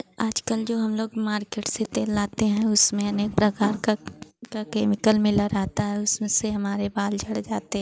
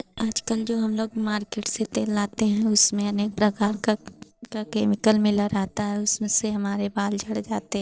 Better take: first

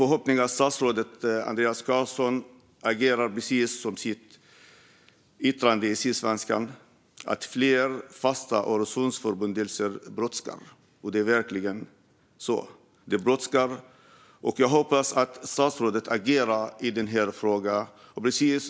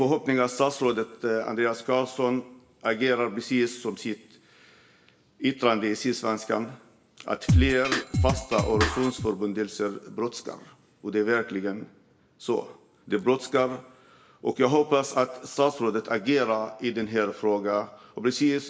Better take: first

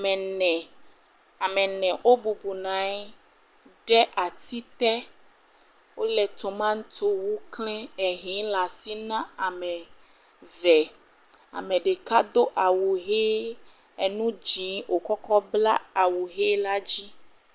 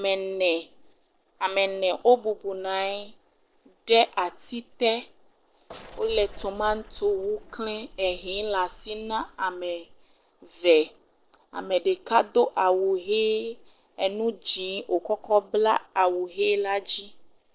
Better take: first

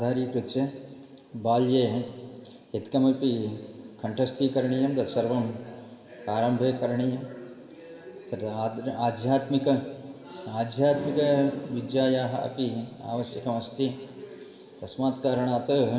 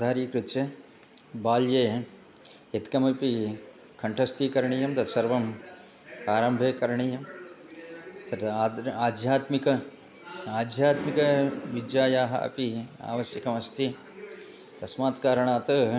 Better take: second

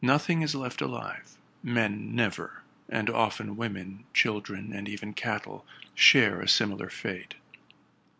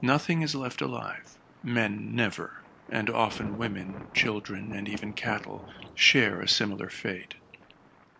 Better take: first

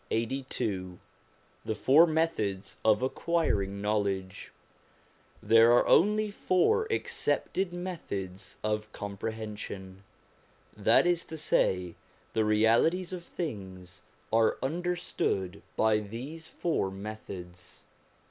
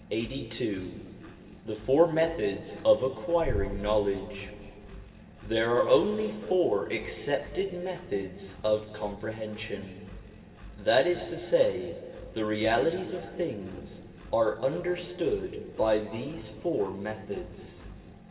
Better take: first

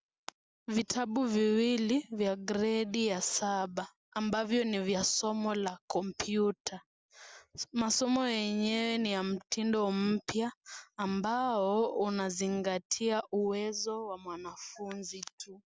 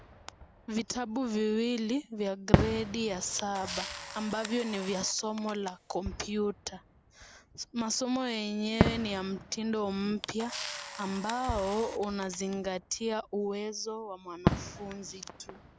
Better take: first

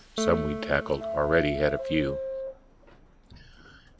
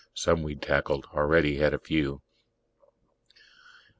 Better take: second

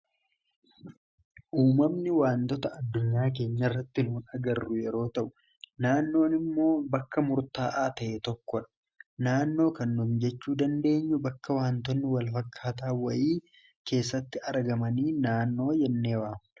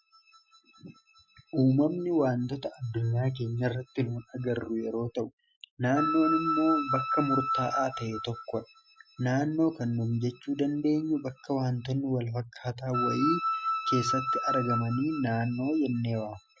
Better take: first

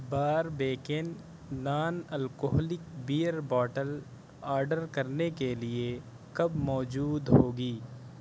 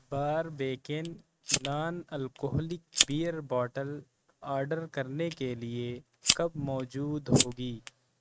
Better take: first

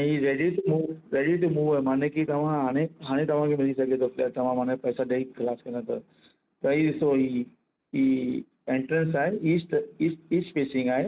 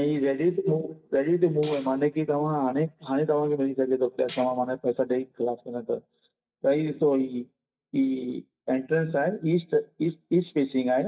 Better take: first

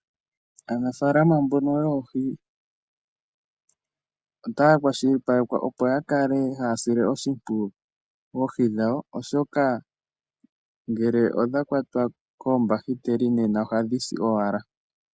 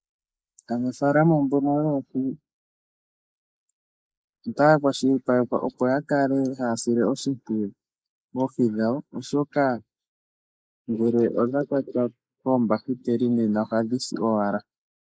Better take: first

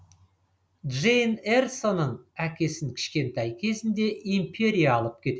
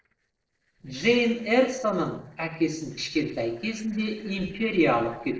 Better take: first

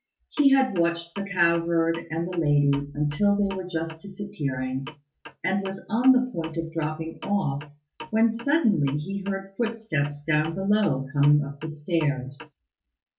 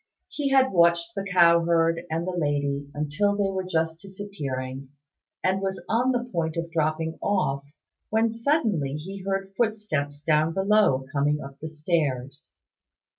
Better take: second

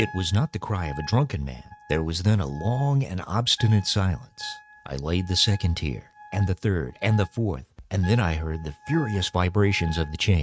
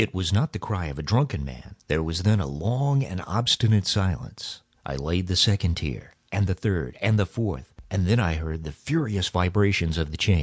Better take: second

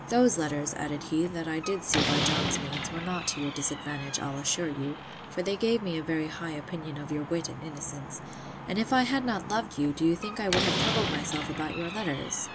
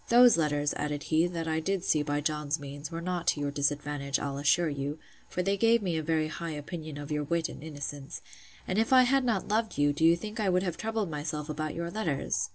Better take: second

